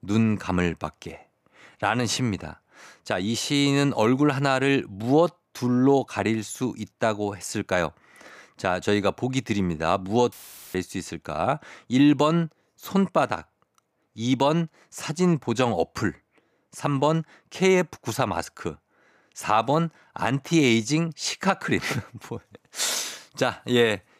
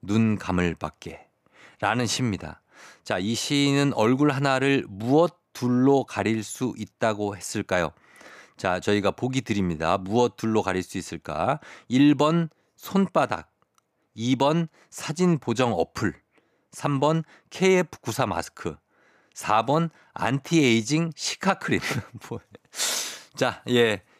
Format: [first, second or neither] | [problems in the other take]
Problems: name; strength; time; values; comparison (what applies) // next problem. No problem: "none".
second | audio cutting out; filled with static; at 10 s